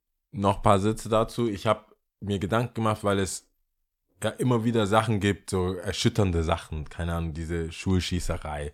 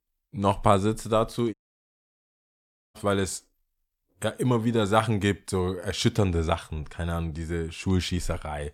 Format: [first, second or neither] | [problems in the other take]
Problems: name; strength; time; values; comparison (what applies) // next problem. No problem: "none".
first | audio cutting out; at 1.5 s for 1.5 s